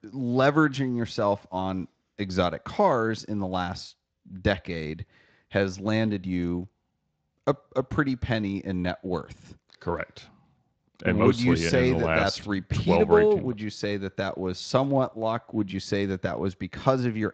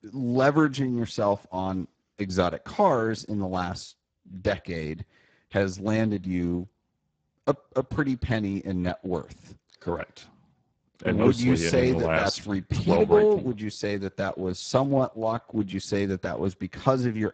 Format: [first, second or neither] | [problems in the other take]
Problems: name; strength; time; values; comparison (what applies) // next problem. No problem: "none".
first | garbled, watery; badly; nothing above 8 kHz; slightly in the first